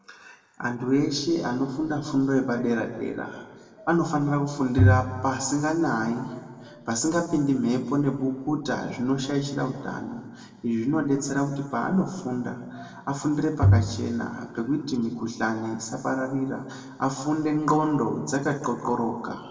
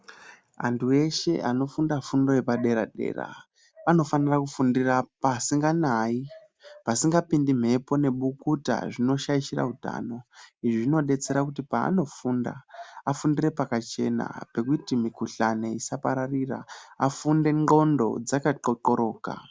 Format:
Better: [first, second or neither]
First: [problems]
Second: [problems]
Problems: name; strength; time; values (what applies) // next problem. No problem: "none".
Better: second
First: background sound (Bowed string instrument); 2 dB above the speech // room echo; dies away in 1.5 s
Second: none